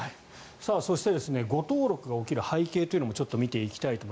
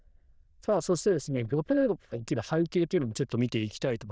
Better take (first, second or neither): first